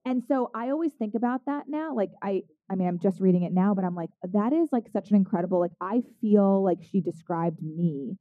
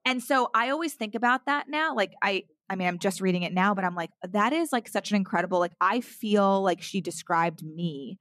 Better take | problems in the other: second | muffled; very; fading above 1 kHz

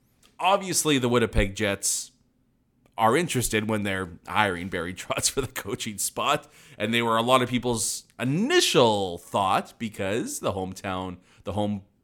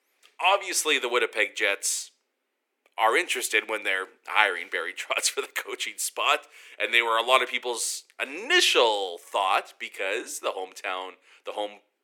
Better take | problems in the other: first | thin; very; fading below 350 Hz

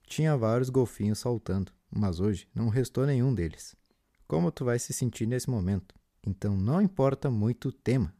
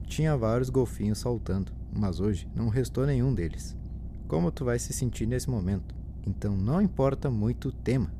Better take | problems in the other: first | low rumble; faint; throughout; 20 dB below the speech

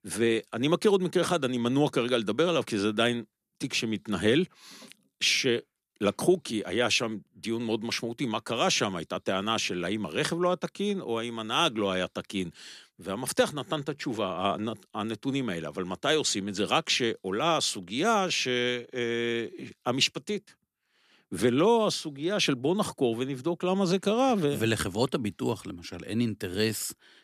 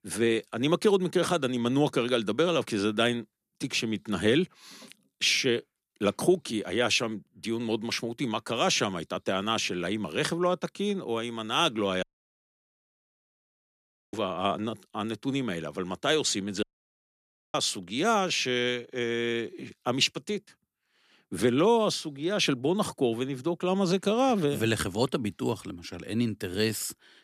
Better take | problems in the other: first | audio cutting out; at 12 s for 2 s and at 17 s for 1 s

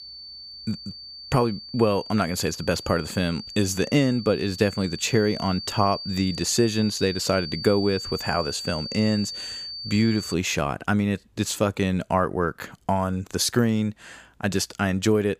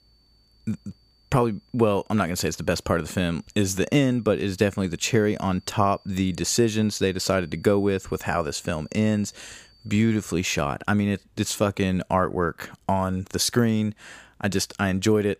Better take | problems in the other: second | high-pitched whine; loud; until 10 s; 4.5 kHz, 10 dB below the speech; faint in the second

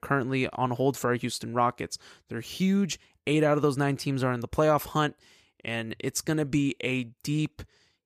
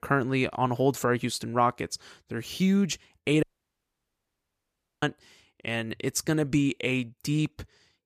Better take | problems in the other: first | audio cutting out; at 3.5 s for 1.5 s

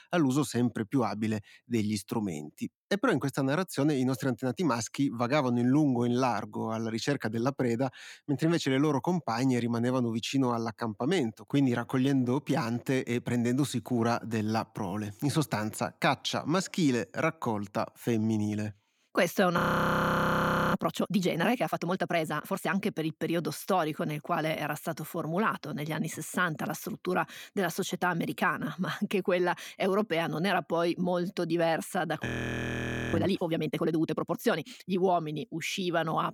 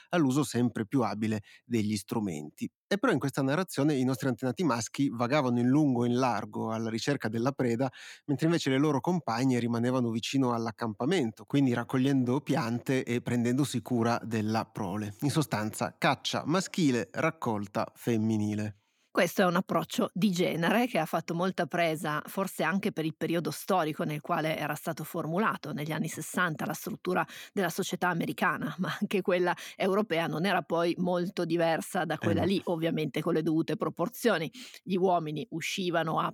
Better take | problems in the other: second | audio freezing; at 20 s for 1 s and at 32 s for 1 s

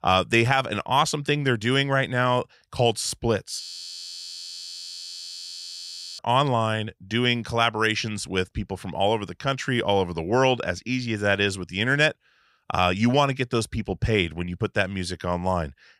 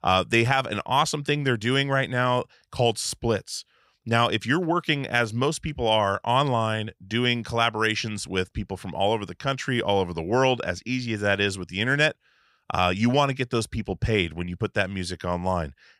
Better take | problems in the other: second | audio freezing; at 3.5 s for 2.5 s

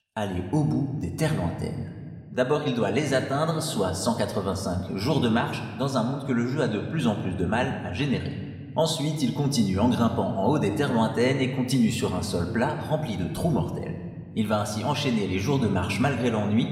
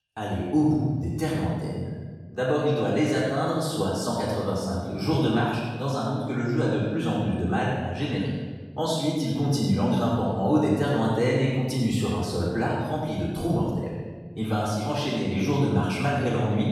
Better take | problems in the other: first | room echo; strong; dies away in 1.3 s; slight in the first // off-mic speech; far

